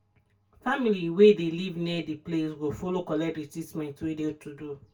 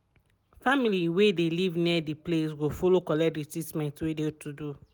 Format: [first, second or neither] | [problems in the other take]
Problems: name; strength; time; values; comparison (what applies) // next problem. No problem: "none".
second | room echo; dies away in 0.2 s